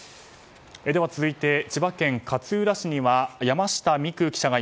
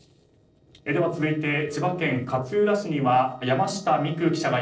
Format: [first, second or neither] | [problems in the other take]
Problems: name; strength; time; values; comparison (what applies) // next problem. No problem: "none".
first | noise reduction (neural separator model SepFormer DNS4)